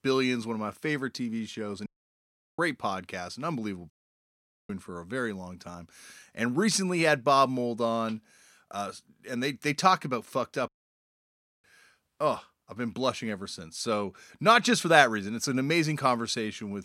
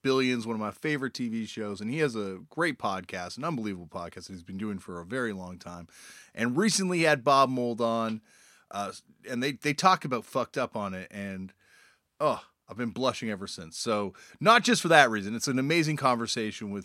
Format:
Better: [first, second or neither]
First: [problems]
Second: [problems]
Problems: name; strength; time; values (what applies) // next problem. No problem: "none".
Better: second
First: audio cutting out; at 2 s for 0.5 s, at 4 s for 1 s and at 11 s for 1 s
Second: none